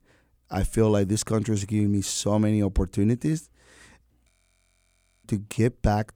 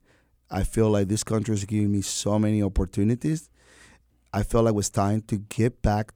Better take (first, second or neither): second